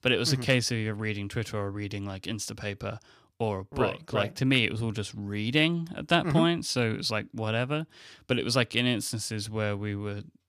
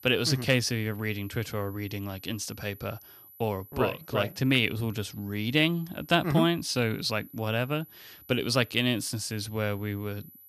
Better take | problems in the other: first | high-pitched whine; faint; throughout; 12 kHz, 20 dB below the speech

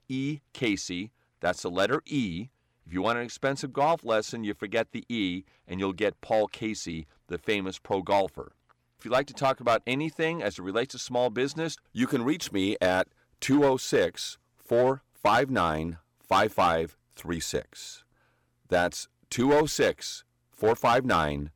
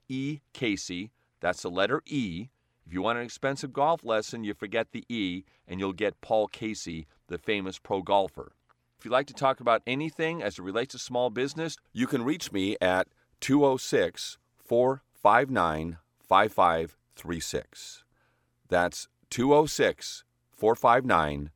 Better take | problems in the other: second | distortion; slight; 2% of the sound clipped

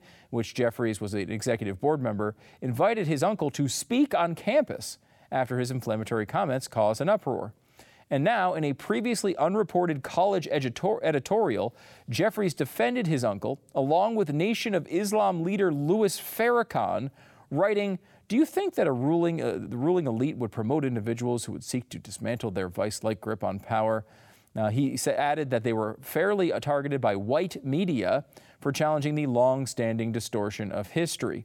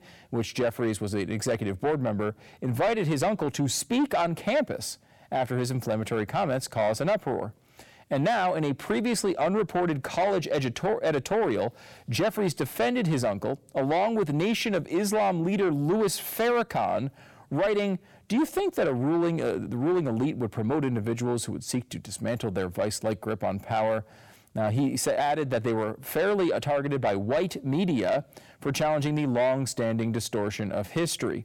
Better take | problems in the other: first | distortion; slight; 10 dB below the speech

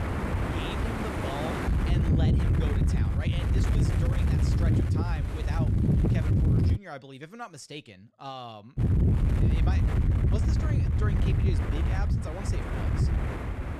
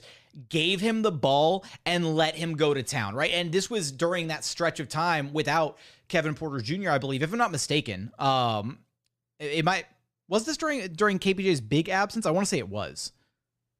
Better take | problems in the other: second | wind noise on the microphone; heavy; until 7 s and from 9 s on; 5 dB above the speech

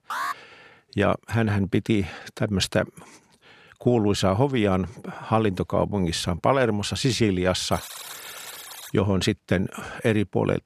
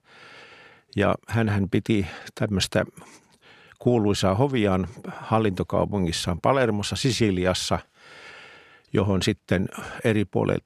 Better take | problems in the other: second | alarm; noticeable; at the start; peak 5 dB below the speech // alarm; faint; from 7.5 to 9 s; peak 10 dB below the speech

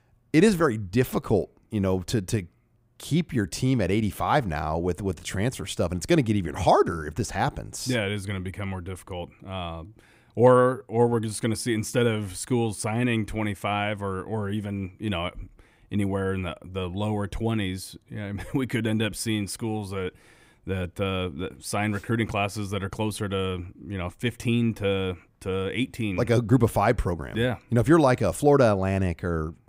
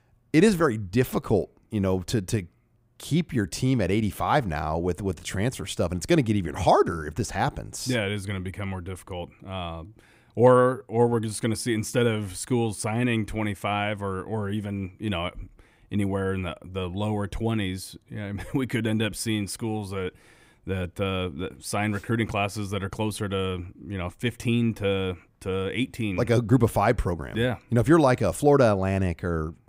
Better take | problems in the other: neither | none

